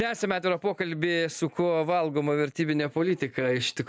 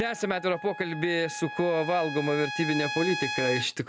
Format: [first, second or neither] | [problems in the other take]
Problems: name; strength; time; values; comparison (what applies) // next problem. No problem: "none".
first | background sound (Trumpet); 8 dB below the speech